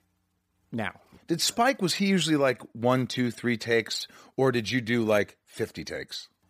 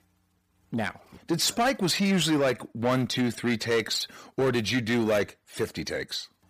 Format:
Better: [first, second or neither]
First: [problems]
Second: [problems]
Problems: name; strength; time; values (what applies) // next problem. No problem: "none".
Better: first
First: none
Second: distortion; slight; 10 dB below the speech